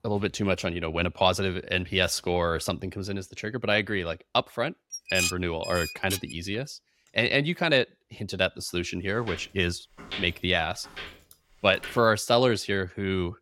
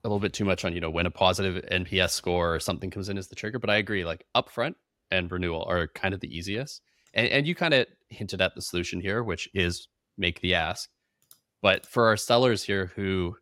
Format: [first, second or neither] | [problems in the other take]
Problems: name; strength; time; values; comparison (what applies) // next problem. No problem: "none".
second | clattering dishes; noticeable; from 5 to 6.5 s; peak level with the speech // footsteps; noticeable; from 9 to 12 s; peak 9 dB below the speech